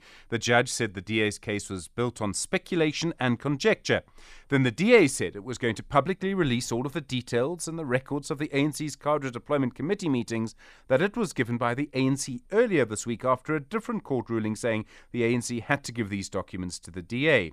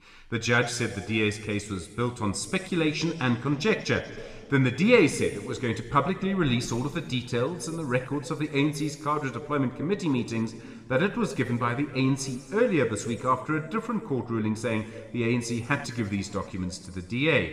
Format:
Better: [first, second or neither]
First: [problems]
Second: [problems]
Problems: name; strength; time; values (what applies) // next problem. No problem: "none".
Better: first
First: none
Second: room echo; slight; dies away in 1.6 s